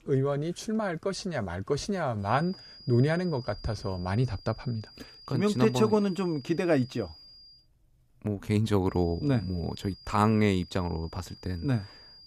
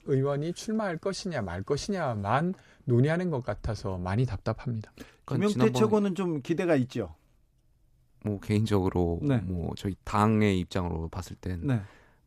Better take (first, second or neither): second